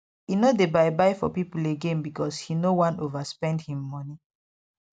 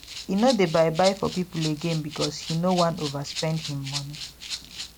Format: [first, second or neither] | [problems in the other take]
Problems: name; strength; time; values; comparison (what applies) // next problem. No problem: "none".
first | background sound (Rattle (instrument)); 11 dB below the speech